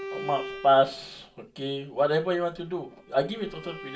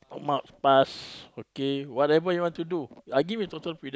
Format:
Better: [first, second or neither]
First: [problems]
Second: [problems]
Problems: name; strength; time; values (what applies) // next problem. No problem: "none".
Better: second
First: background sound (Bowed string instrument); 14 dB below the speech // room echo; dies away in 0.3 s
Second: none